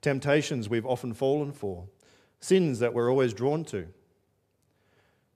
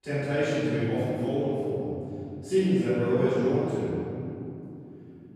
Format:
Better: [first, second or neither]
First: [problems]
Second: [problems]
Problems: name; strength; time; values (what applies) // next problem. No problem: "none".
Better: first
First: none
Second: room echo; strong; dies away in 3 s // off-mic speech; far